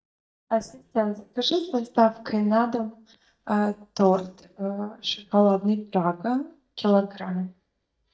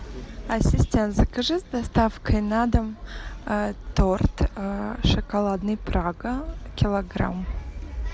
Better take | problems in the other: second | noise reduction (neural mask model DeepFilterNet 3)

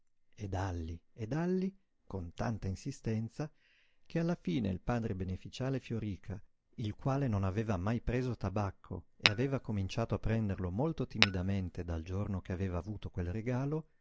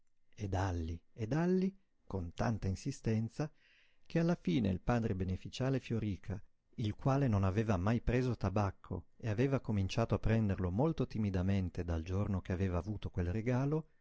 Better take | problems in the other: second | background sound (Tap / Glass); 2 dB above the speech

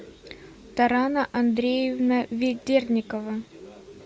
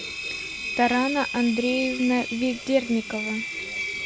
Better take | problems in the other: first | background sound (Engine); 7 dB below the speech

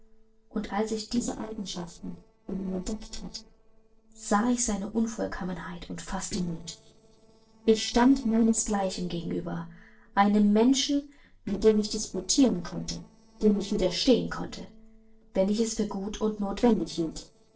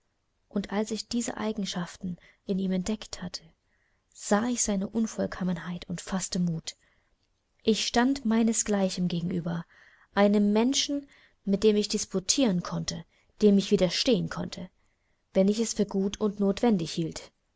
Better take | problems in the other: second | noise reduction (neural separator model SepFormer DNS4)

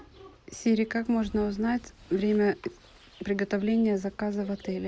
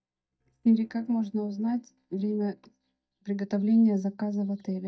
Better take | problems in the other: first | noise reduction (neural mask model DeepFilterNet 3)

